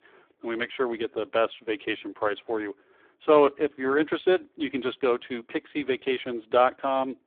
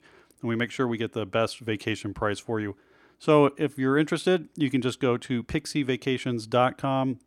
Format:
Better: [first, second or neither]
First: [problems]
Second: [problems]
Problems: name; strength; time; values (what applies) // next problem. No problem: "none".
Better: second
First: phone-call audio; poor line; nothing above 3.5 kHz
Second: none